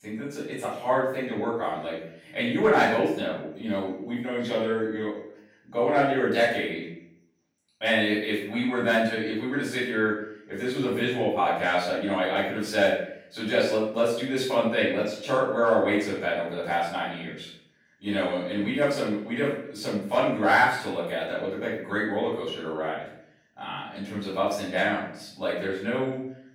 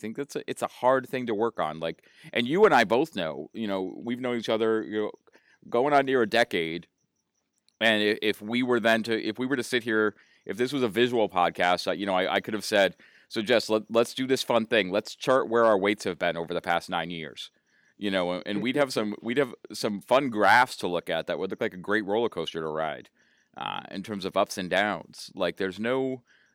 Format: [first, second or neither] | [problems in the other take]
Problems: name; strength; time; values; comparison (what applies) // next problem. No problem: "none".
second | off-mic speech; far // room echo; noticeable; dies away in 0.6 s